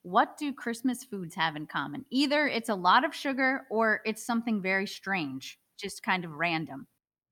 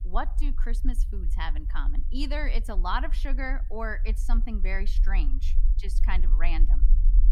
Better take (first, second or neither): first